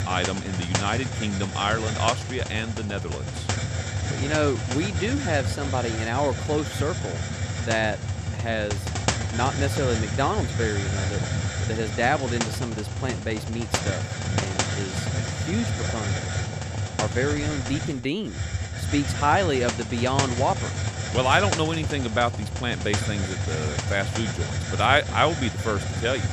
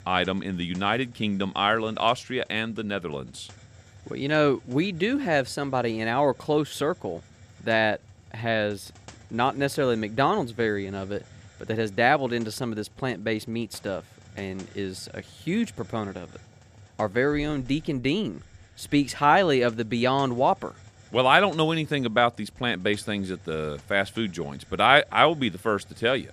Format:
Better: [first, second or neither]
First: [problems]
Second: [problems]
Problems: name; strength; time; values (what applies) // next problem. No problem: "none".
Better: second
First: hiss; loud; throughout; 1 dB below the speech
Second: hiss; faint; throughout; 25 dB below the speech